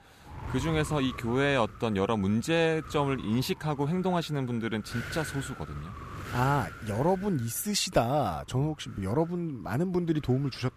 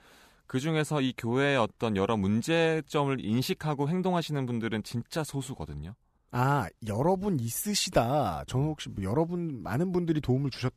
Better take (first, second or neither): second